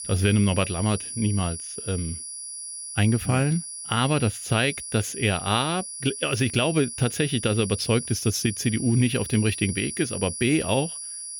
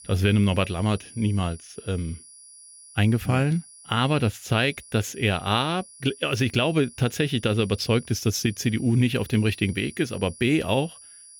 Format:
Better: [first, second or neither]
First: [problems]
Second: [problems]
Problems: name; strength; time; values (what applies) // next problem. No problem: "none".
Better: second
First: high-pitched whine; loud; throughout; 10 kHz, 8 dB below the speech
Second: high-pitched whine; faint; throughout; 10 kHz, 20 dB below the speech